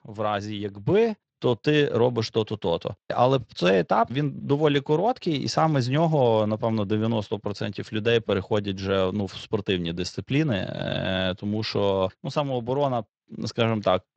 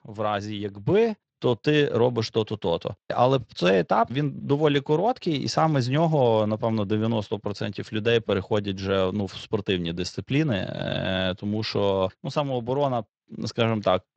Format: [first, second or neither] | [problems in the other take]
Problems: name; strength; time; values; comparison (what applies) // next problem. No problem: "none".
neither | garbled, watery; slightly; the same in both